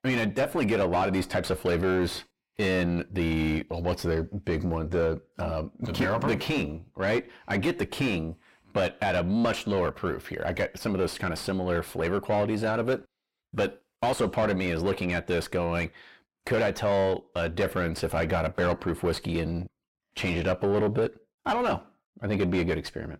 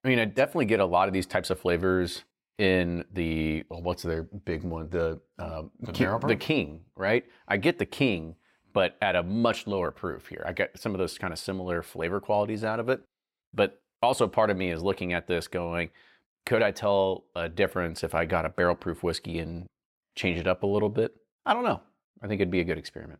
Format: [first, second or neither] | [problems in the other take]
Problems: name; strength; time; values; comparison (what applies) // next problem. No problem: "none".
second | distortion; heavy; 6 dB below the speech